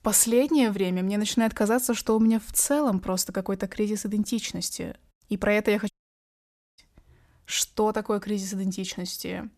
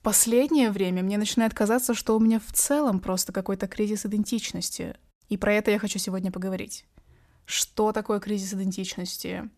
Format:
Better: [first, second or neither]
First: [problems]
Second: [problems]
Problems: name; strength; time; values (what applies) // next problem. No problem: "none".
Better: second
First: audio cutting out; at 6 s for 1 s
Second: none